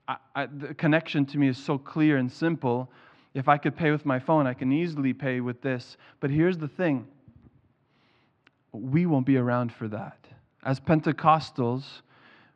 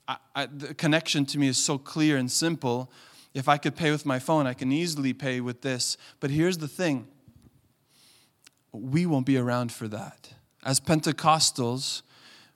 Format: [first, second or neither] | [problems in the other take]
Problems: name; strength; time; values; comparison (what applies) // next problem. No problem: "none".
second | muffled; very; fading above 2.5 kHz